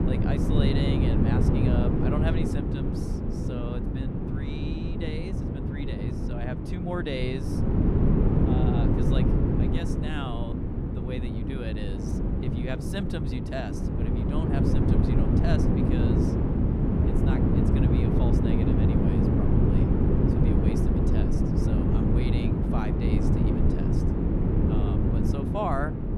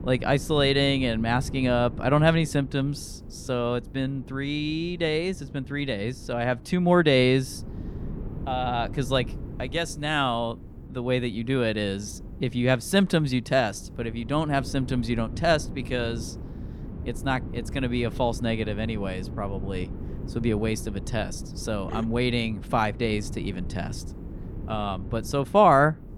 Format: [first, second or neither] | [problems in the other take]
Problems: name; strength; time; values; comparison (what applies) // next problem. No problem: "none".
second | wind noise on the microphone; heavy; 5 dB above the speech; occasional gusts in the second